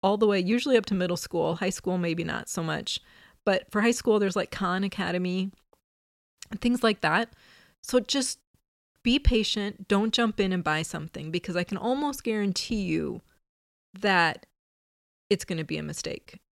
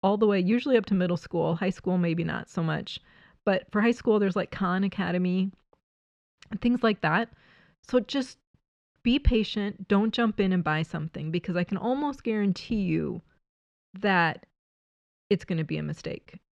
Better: first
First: none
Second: muffled; slightly; fading above 3 kHz

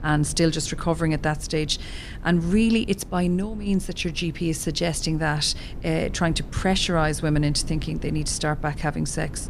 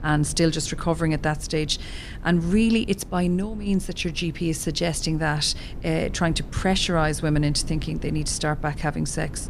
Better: neither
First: low rumble; faint; throughout; 20 dB below the speech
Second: low rumble; faint; throughout; 20 dB below the speech

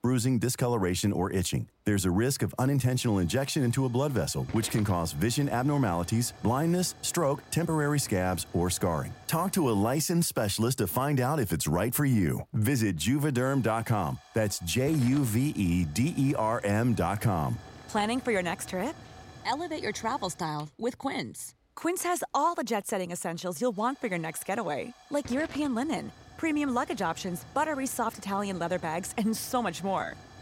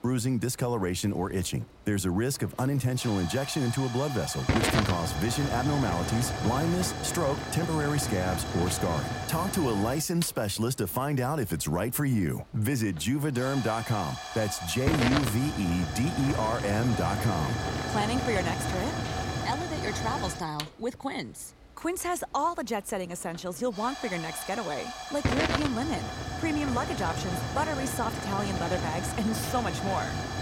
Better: first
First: hiss; faint; throughout; 20 dB below the speech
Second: hiss; loud; throughout; 3 dB below the speech

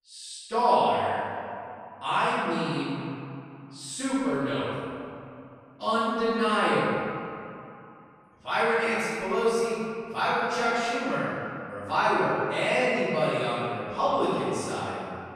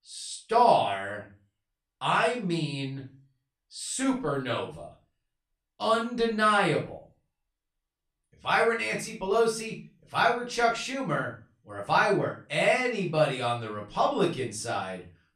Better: second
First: room echo; strong; dies away in 2.3 s // off-mic speech; far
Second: room echo; slight; dies away in 0.3 s // off-mic speech; far

